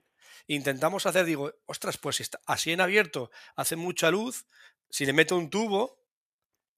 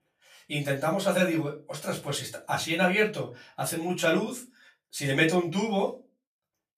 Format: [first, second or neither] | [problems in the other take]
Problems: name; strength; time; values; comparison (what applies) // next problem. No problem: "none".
first | off-mic speech; far // room echo; very slight; dies away in 0.2 s